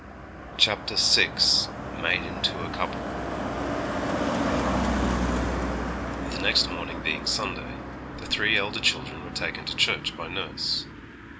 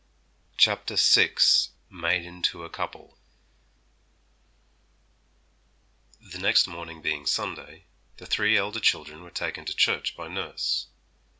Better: second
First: background sound (Car passing by); 1 dB below the speech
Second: none

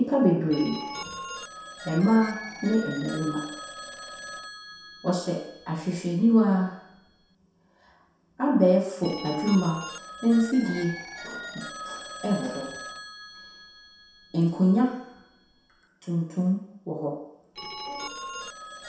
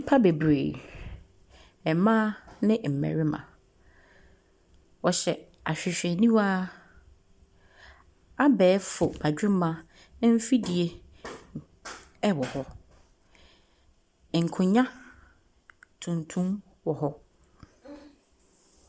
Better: second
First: background sound (Telephone); 14 dB below the speech // room echo; dies away in 0.7 s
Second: none

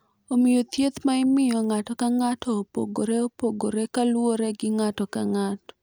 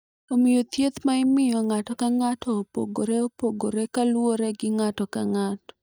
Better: first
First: none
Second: noise reduction (neural mask model DeepFilterNet 3)

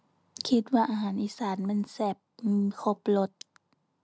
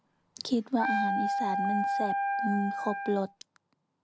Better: first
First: none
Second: background sound (Wind instrument, woodwind instrument); 1 dB above the speech

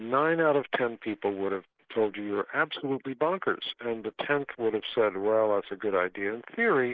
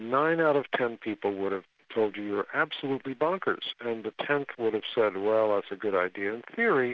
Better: second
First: noise reduction (neural mask model Resemble Enhance denoiser)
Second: none

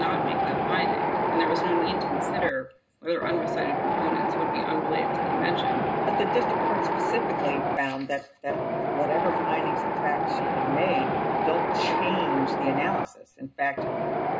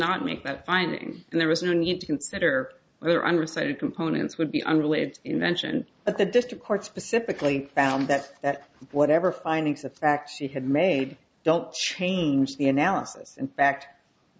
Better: second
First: background sound (Wind); 5 dB above the speech // room echo; dies away in 0.2 s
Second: none

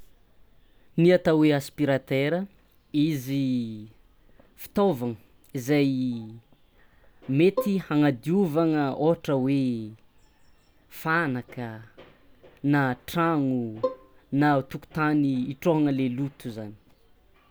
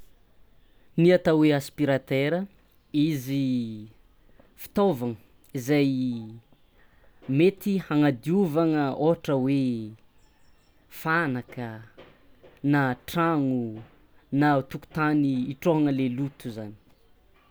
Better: second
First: background sound (Bowed string instrument); 7 dB below the speech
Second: none

